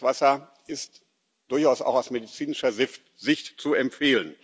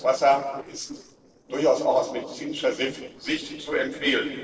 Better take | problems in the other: first | noise reduction (neural separator model SepFormer DNS4)

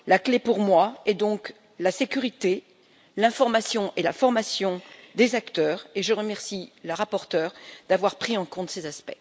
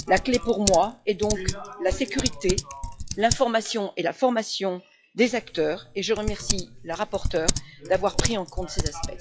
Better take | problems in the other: first | noise reduction (classical method log-MMSE)

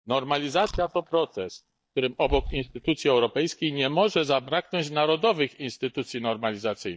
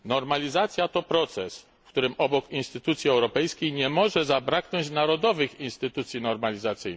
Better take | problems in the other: second | noise reduction (neural mask model DeepFilterNet 3)

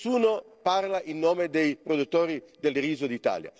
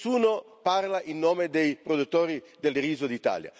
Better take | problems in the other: second | noise reduction (neural separator model SepFormer DNS4)

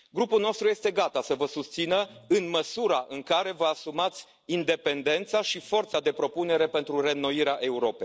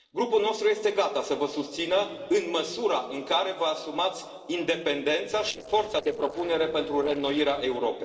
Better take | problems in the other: first | noise reduction (neural separator model SepFormer DNS4)

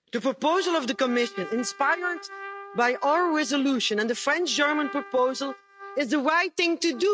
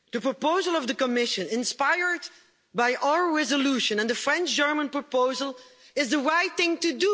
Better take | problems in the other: second | noise reduction (neural mask model RNNoise)

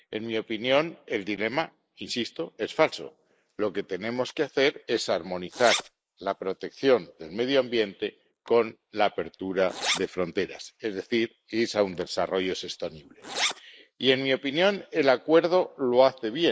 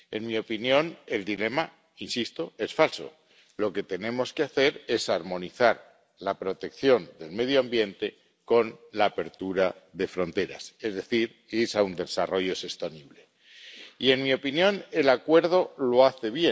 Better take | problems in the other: second | noise reduction (neural mask model Resemble Enhance denoiser)

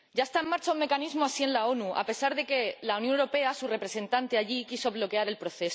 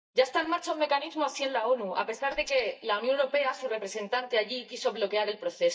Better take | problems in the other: first | noise reduction (neural mask model DeepFilterNet 3)

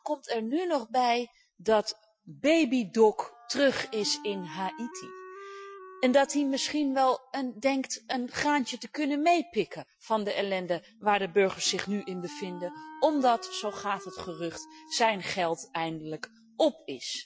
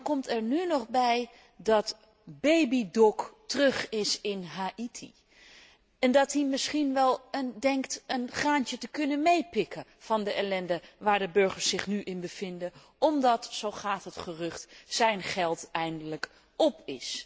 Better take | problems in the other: second | noise reduction (classical method Wiener filter)

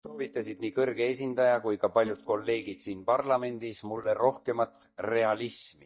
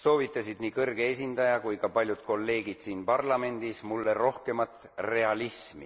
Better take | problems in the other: second | noise reduction (neural mask model DeepFilterNet 3)

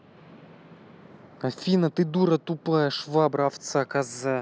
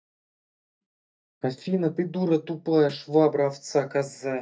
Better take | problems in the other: first | noise reduction (neural mask model DeepFilterNet 3)

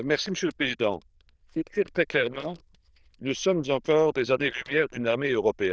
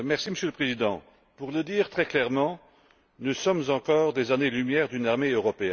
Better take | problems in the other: second | noise reduction (neural diffusion model UNIVERSE++)

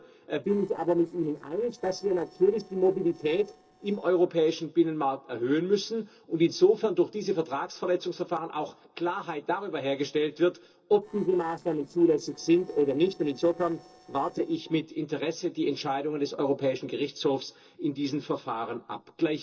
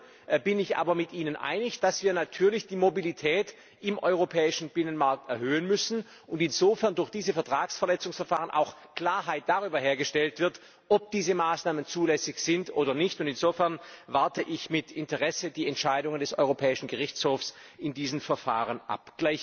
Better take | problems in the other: second | noise reduction (neural separator model SepFormer DNS4)

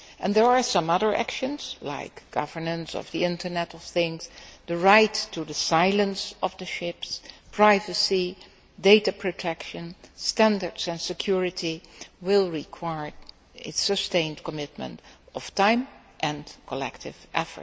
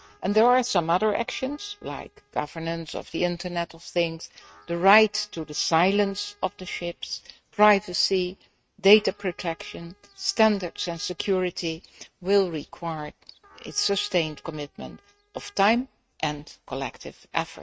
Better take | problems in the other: first | noise reduction (neural mask model RNNoise)

